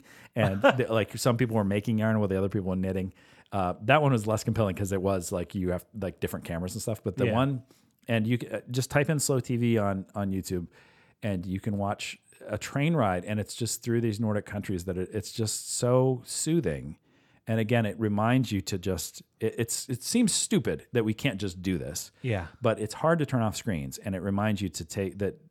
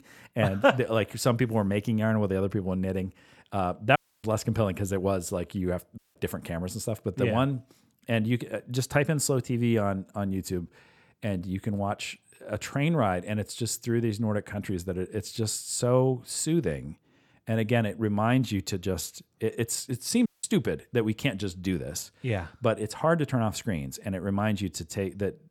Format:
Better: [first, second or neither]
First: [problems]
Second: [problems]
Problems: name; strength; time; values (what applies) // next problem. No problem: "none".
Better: first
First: none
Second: audio cutting out; at 4 s, at 6 s and at 20 s